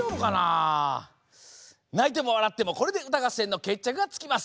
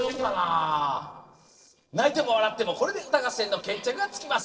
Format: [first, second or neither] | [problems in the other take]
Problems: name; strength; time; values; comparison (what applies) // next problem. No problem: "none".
first | noise reduction (neural separator model SepFormer DNS4)